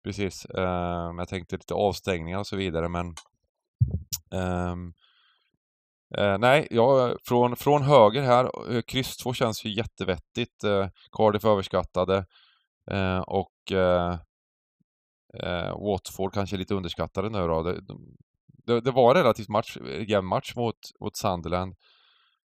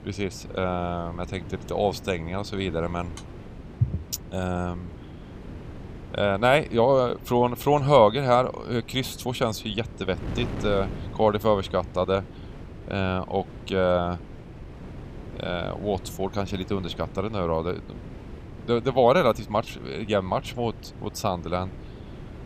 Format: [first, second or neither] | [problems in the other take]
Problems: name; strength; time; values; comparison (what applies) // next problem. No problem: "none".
first | wind noise on the microphone; occasional gusts; 20 dB below the speech